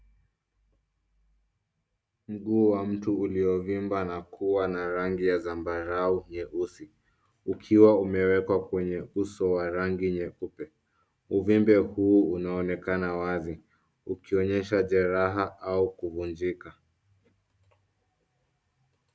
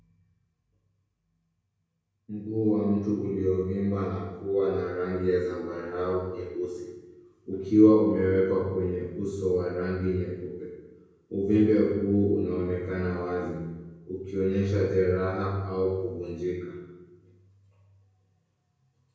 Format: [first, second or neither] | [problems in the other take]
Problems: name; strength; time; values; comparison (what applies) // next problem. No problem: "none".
first | room echo; dies away in 1 s